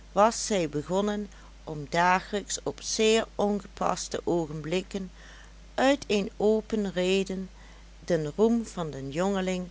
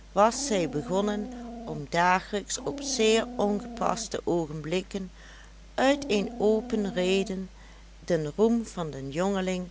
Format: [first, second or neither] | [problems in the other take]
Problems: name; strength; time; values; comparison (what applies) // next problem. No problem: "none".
first | background sound (Dog); 12 dB below the speech